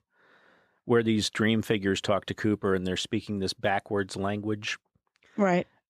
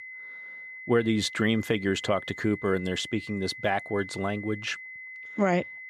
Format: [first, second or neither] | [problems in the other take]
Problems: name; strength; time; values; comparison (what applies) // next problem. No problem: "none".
first | high-pitched whine; noticeable; throughout; 2 kHz, 10 dB below the speech